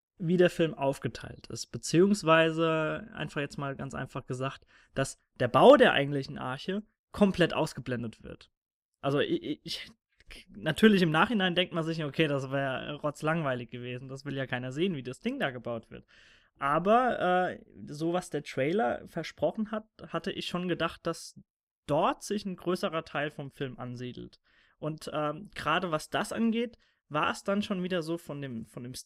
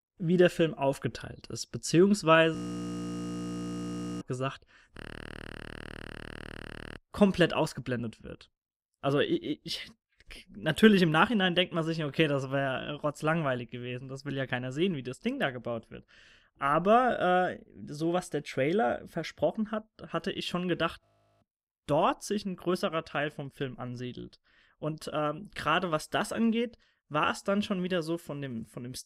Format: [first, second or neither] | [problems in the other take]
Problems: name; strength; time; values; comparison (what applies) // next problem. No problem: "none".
first | audio freezing; at 2.5 s for 1.5 s, at 5 s for 2 s and at 21 s